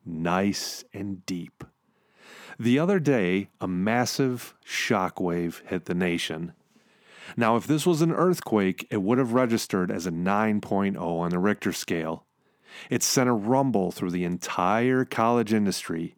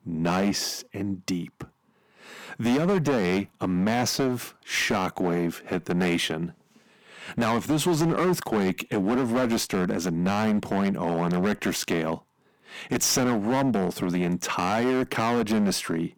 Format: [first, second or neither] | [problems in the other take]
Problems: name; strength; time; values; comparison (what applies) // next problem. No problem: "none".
first | distortion; heavy; 11% of the sound clipped